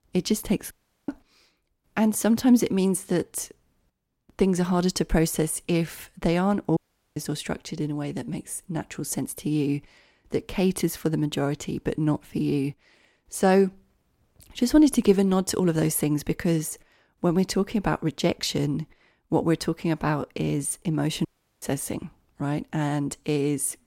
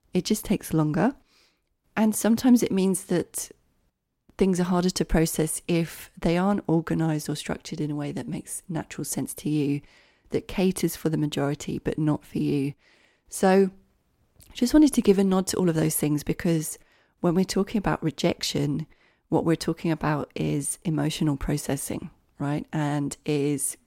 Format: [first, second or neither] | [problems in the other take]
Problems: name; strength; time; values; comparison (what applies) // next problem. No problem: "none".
second | audio cutting out; at 0.5 s, at 7 s and at 21 s